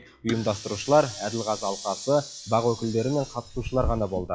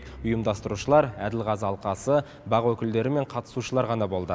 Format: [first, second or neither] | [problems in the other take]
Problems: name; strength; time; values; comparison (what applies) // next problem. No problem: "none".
second | noise reduction (classical method log-MMSE)